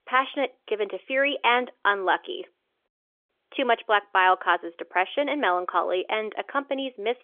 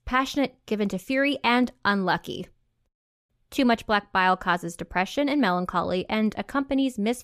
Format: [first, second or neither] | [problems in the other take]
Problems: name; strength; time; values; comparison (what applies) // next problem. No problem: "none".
second | phone-call audio; nothing above 3.5 kHz